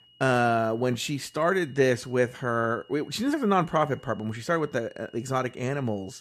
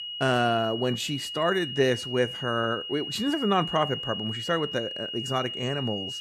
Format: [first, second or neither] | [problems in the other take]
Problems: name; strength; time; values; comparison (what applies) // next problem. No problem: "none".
first | high-pitched whine; loud; throughout; 3 kHz, 5 dB below the speech; faint in the first